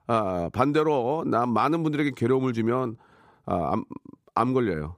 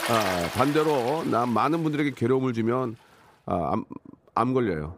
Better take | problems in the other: first | rain or running water; loud; throughout; 9 dB below the speech

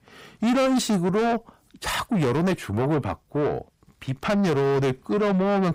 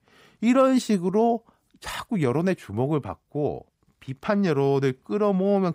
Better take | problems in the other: second | distortion; heavy; 7 dB below the speech

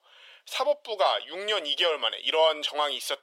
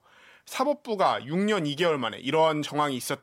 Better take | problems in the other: second | thin; very; fading below 450 Hz

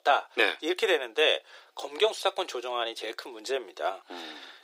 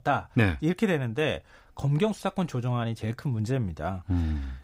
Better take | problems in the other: second | thin; very; fading below 350 Hz

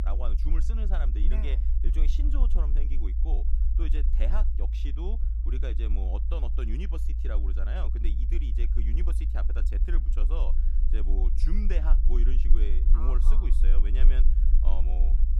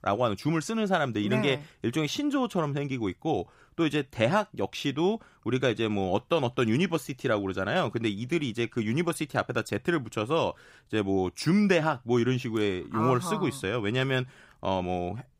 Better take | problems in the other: second | low rumble; loud; throughout; 6 dB below the speech

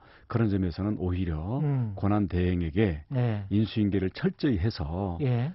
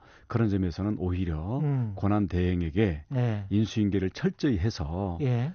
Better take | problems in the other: second | garbled, watery; badly; nothing above 5.5 kHz; slightly in the second

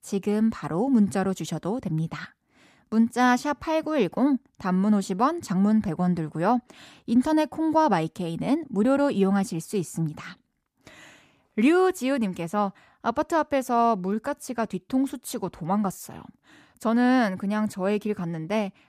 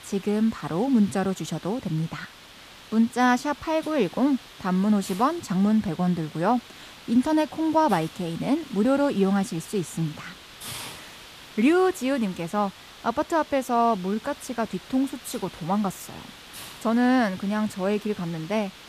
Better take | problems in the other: first | hiss; noticeable; throughout; 20 dB below the speech

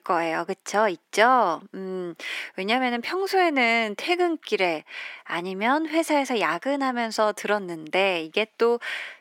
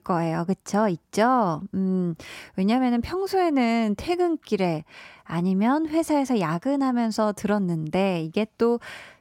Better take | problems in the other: second | thin; somewhat; fading below 350 Hz

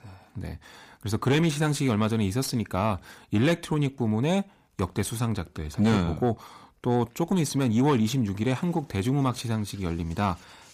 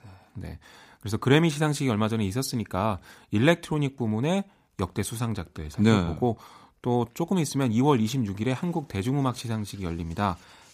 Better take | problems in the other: second | distortion; slight; 10 dB below the speech

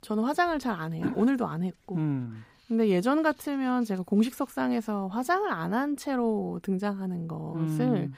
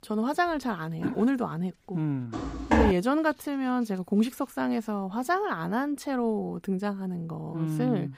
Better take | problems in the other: first | footsteps; loud; at 2.5 s; peak 4 dB above the speech

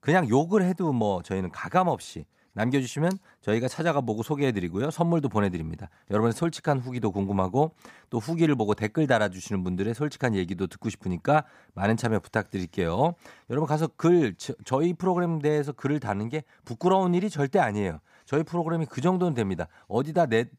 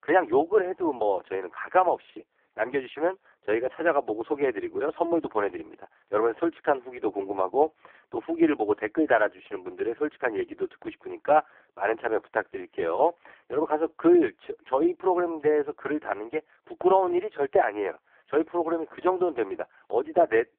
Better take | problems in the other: first | phone-call audio; poor line

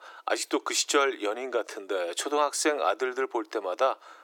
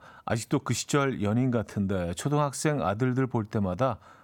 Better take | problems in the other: second | thin; very; fading below 300 Hz

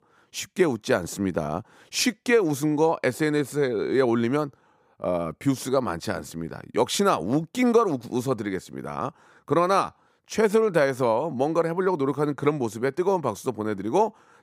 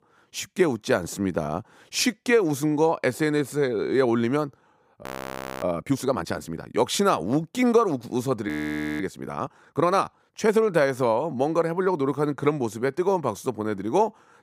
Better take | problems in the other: first | audio freezing; at 5 s for 0.5 s and at 8.5 s for 0.5 s

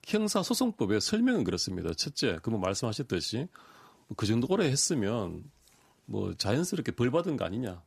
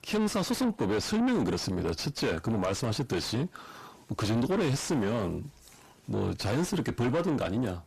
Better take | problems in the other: first | distortion; heavy; 6 dB below the speech

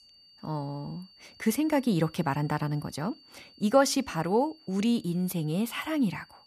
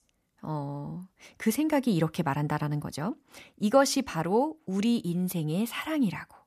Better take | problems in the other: second | high-pitched whine; faint; throughout; 4.5 kHz, 25 dB below the speech

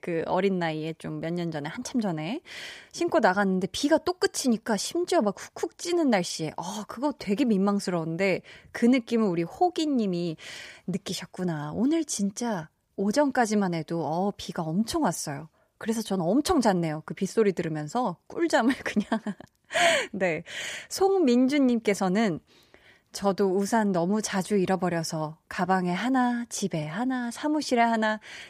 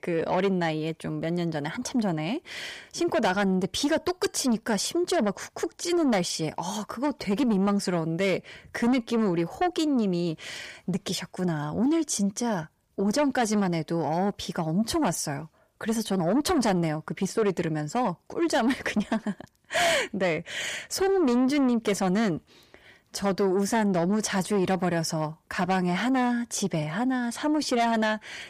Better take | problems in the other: first | distortion; slight; 10 dB below the speech

